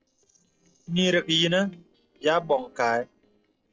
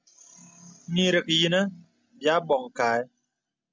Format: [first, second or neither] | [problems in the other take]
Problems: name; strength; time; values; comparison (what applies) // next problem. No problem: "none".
second | noise reduction (neural separator model SepFormer DNS4)